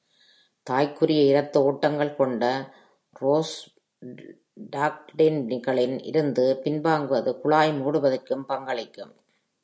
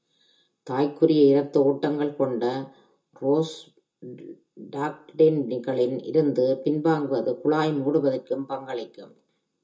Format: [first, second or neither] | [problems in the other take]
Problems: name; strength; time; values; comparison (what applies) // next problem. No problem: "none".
first | room echo; dies away in 0.2 s